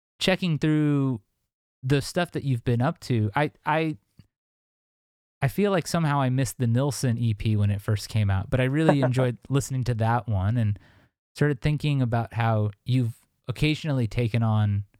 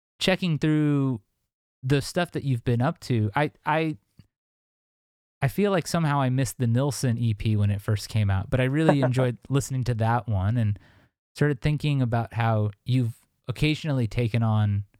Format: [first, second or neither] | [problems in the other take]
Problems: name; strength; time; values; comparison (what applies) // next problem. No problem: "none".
neither | none